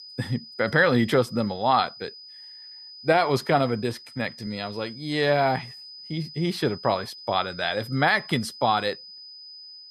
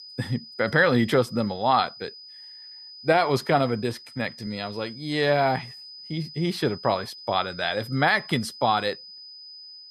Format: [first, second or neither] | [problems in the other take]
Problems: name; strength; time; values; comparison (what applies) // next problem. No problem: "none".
neither | high-pitched whine; noticeable; throughout; 5 kHz, 15 dB below the speech; the same in both